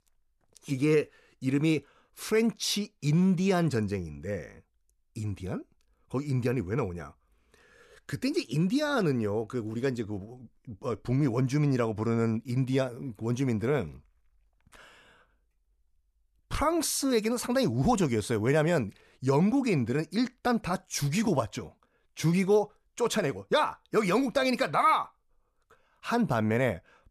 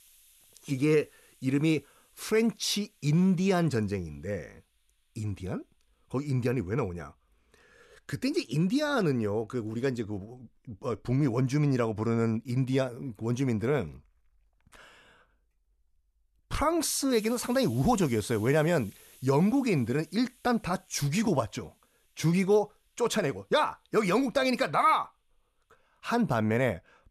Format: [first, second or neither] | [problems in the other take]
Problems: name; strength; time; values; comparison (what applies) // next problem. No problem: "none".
first | hiss; faint; throughout; 25 dB below the speech